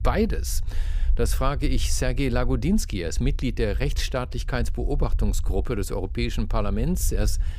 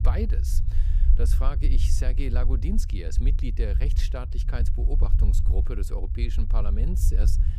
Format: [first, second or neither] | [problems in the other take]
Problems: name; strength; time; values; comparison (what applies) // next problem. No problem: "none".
first | low rumble; loud; throughout; 7 dB below the speech; faint in the first